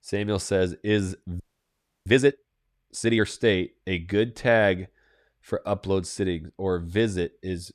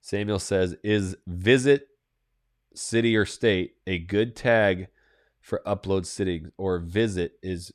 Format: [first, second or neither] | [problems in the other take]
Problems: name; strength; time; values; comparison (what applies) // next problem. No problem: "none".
second | audio freezing; at 1.5 s for 0.5 s